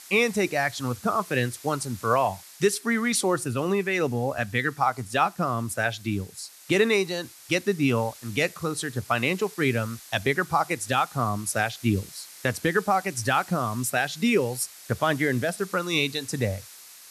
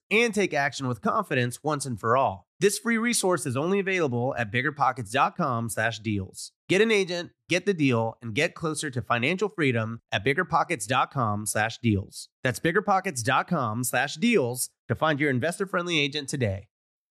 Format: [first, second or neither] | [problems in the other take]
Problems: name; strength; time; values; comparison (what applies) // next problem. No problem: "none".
second | hiss; noticeable; throughout; 20 dB below the speech